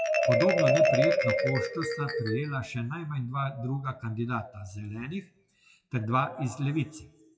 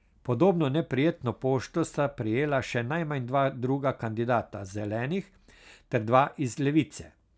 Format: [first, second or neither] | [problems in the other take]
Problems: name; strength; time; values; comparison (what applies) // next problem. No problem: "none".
second | noise reduction (classical method WPE with log-MMSE)